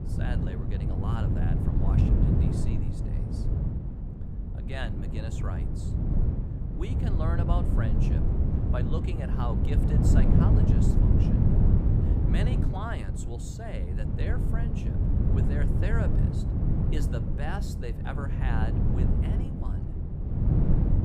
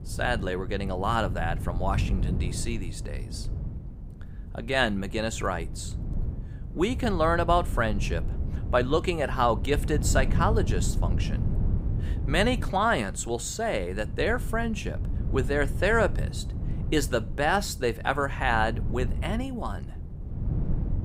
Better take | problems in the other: second | wind noise on the microphone; heavy; 2 dB above the speech; occasional gusts in the second

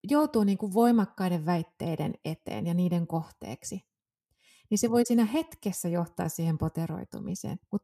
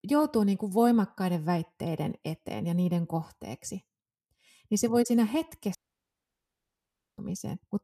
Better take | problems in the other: first | audio cutting out; at 6 s for 1.5 s

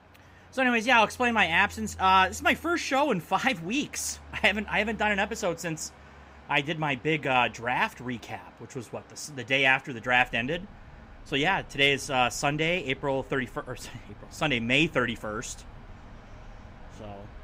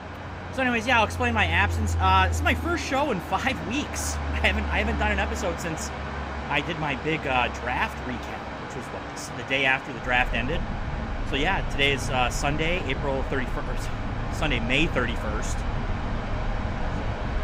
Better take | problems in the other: first | train or aircraft noise; loud; throughout; 6 dB below the speech; faint in the first

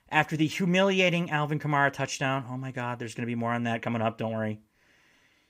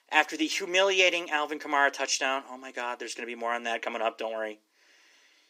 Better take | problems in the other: first | thin; very; fading below 300 Hz

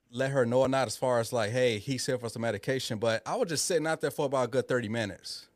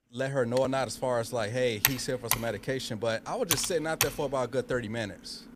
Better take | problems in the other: first | keyboard typing; loud; from 0.5 to 4 s; peak 3 dB above the speech

